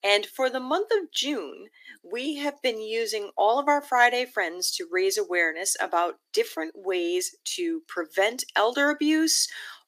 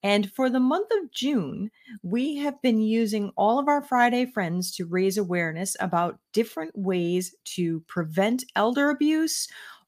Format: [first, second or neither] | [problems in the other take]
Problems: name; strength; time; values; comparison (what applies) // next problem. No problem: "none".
second | thin; somewhat; fading below 300 Hz